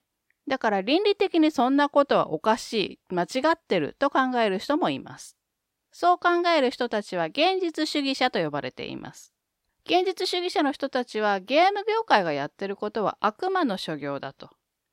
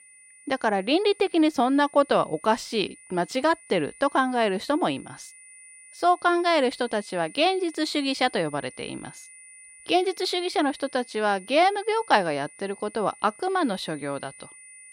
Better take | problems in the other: first | high-pitched whine; faint; throughout; 9.5 kHz, 20 dB below the speech

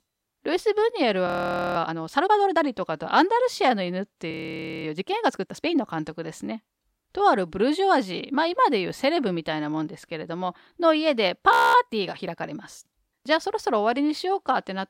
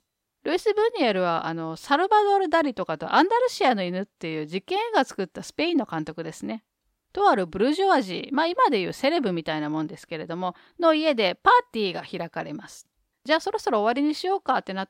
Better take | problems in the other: second | audio freezing; at 1.5 s, at 4.5 s for 0.5 s and at 12 s

